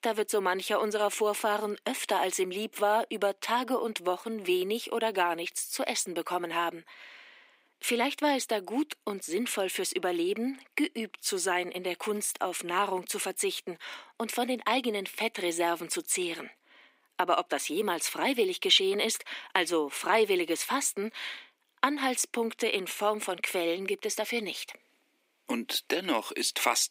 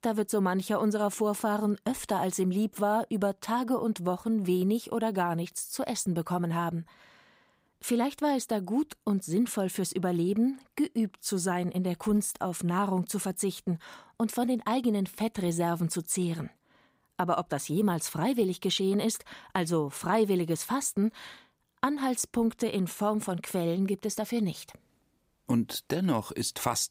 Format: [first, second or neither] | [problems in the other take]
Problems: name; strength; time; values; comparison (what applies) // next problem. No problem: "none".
second | thin; somewhat; fading below 300 Hz